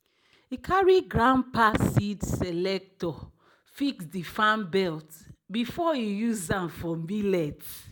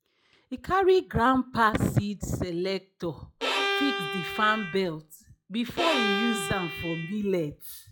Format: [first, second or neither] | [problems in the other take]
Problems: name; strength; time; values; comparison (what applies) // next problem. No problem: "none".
first | noise reduction (classical method log-MMSE)